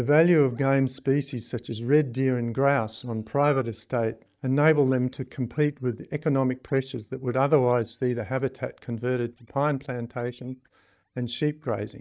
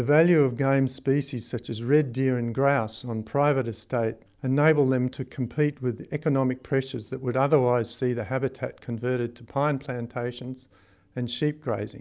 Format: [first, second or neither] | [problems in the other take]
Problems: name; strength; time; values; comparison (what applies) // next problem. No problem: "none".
second | noise reduction (neural mask model DeepFilterNet 3)